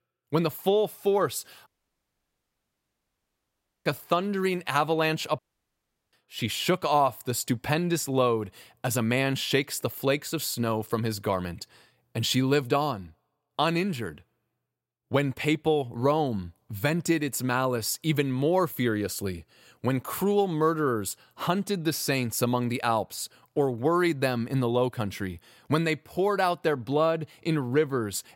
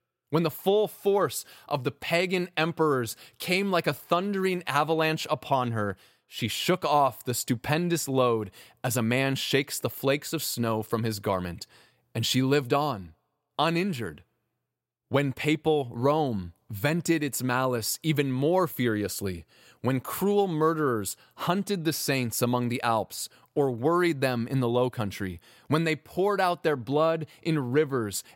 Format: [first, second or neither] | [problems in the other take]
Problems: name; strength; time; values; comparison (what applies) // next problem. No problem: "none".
second | audio cutting out; at 1.5 s for 2 s and at 5.5 s for 0.5 s